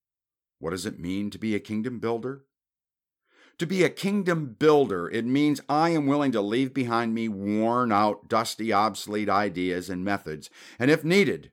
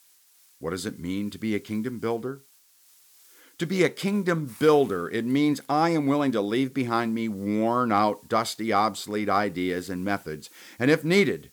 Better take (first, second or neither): first